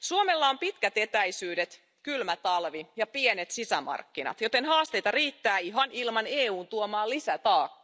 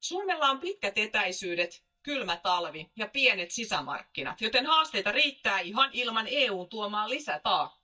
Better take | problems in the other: first | noise reduction (neural mask model DeepFilterNet 3)

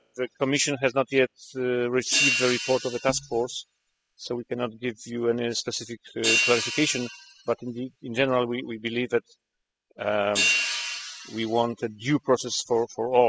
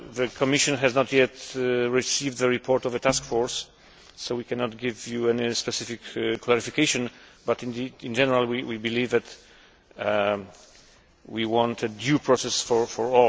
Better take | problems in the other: second | noise reduction (classical method spectral subtraction)

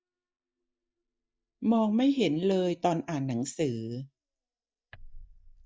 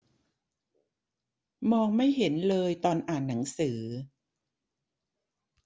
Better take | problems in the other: second | noise reduction (neural mask model DeepFilterNet 3)

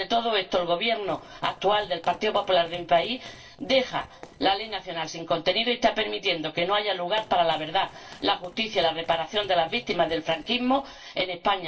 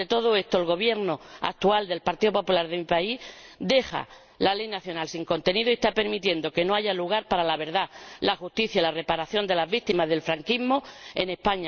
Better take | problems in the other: second | noise reduction (neural separator model SepFormer DNS4)

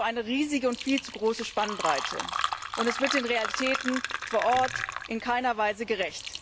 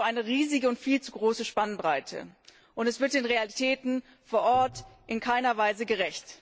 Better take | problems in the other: second | background sound (Fill (with liquid)); 6 dB below the speech

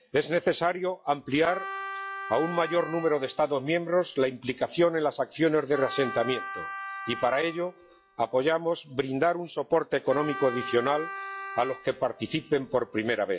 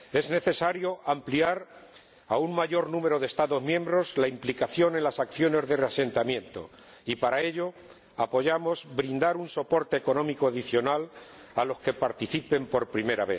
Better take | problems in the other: second | noise reduction (classical method log-MMSE)

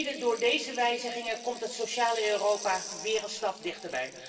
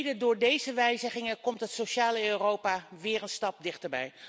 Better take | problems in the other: second | background sound (Rattle (instrument)); 14 dB below the speech // room echo; dies away in 2.3 s

